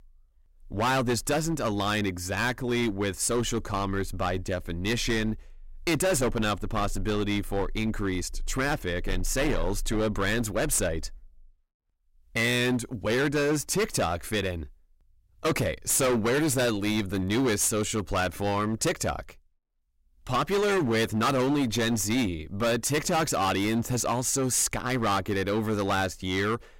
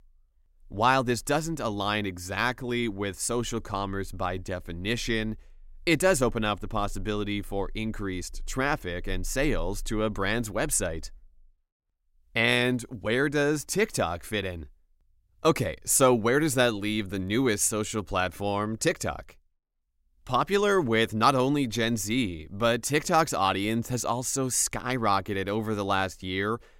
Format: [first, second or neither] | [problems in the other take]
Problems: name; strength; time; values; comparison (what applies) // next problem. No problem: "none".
second | distortion; heavy; 14% of the sound clipped